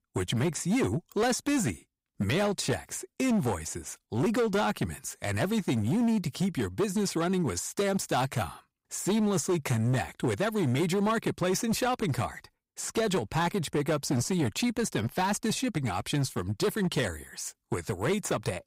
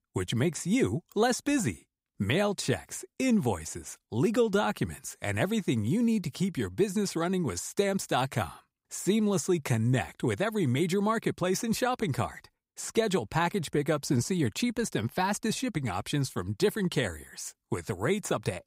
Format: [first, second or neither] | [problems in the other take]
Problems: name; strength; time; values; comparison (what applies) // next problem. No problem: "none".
second | distortion; slight; 11% of the sound clipped